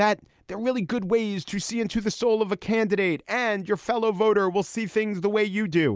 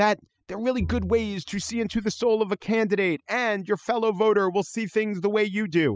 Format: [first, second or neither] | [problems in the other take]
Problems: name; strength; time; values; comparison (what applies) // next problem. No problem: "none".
first | noise reduction (classical method spectral subtraction)